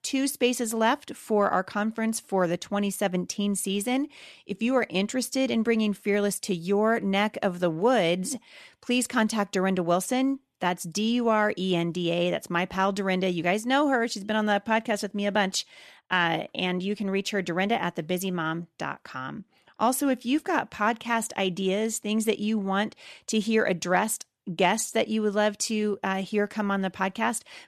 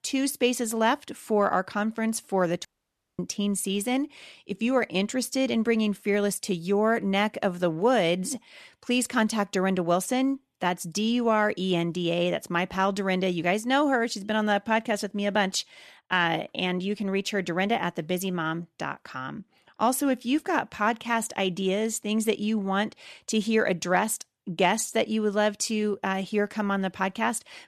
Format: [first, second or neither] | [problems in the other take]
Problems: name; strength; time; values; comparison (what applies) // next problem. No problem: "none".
first | audio cutting out; at 2.5 s for 0.5 s